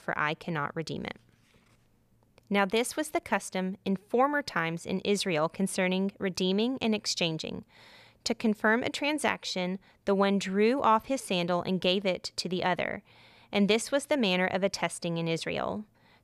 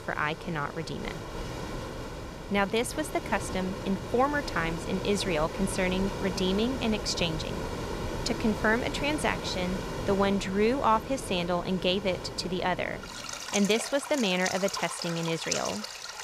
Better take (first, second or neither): first